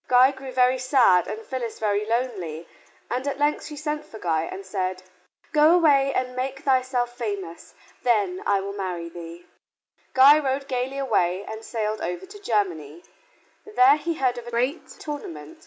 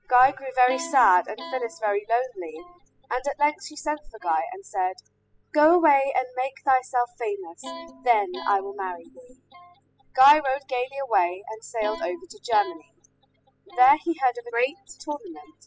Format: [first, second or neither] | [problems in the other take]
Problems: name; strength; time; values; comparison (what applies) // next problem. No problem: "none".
first | noise reduction (classical method spectral subtraction)